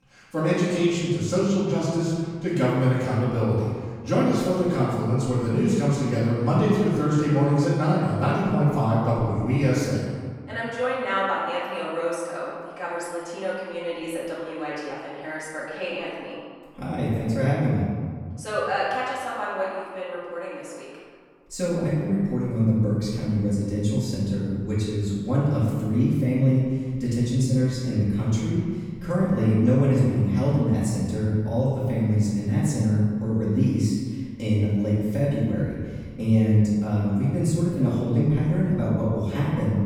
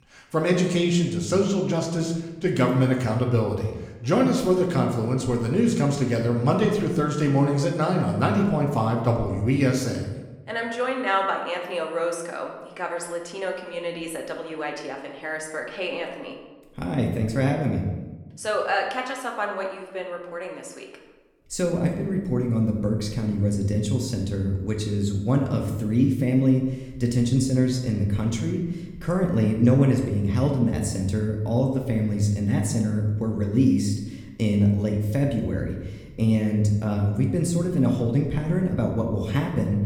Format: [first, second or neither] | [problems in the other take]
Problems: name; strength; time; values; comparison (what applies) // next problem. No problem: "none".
second | room echo; strong; dies away in 1.8 s; slight in the second // off-mic speech; far; somewhat distant in the second